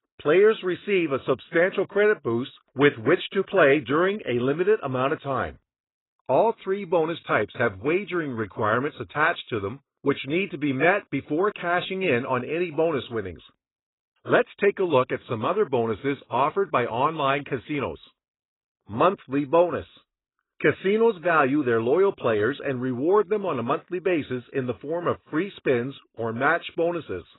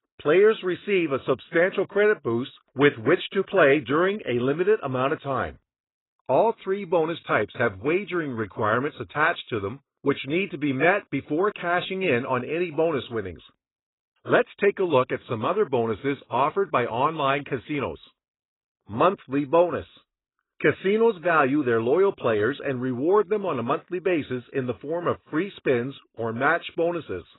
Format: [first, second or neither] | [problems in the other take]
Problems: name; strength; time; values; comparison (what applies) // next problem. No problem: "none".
neither | garbled, watery; badly; nothing above 4 kHz; the same in both